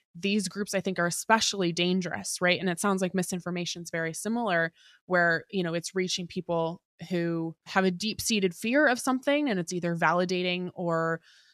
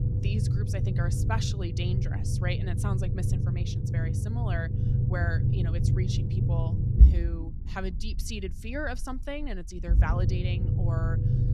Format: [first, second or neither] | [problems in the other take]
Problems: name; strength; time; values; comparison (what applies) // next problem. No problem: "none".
first | low rumble; loud; throughout; 2 dB below the speech